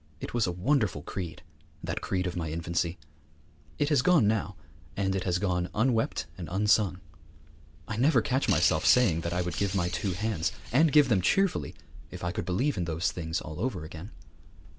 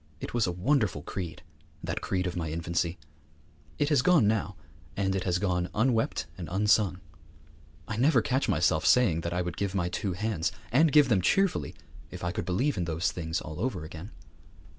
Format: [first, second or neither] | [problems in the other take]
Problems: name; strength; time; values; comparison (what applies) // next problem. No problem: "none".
second | background sound (Bird); 9 dB below the speech